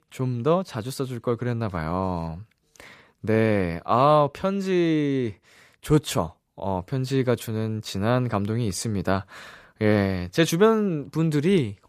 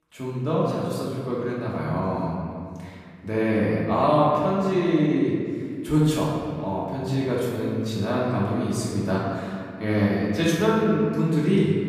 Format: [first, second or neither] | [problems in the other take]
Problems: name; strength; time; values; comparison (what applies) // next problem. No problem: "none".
first | room echo; strong; dies away in 2.1 s // off-mic speech; far